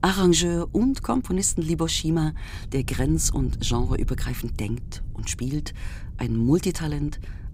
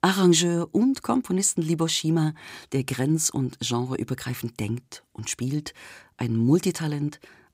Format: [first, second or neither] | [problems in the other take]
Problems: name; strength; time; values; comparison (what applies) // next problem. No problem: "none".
second | wind noise on the microphone; occasional gusts; 20 dB below the speech